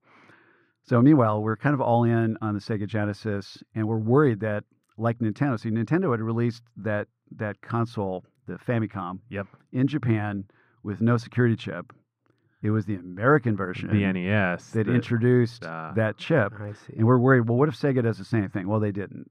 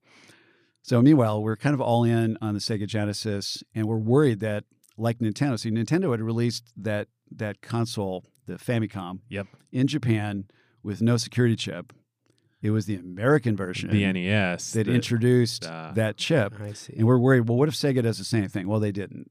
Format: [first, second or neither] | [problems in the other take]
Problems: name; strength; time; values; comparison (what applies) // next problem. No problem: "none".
second | muffled; very; fading above 3.5 kHz